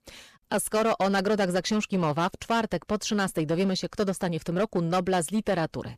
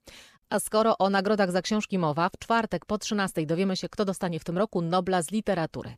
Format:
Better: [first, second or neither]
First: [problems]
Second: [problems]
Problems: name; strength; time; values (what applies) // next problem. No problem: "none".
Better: second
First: distortion; slight; 9% of the sound clipped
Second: none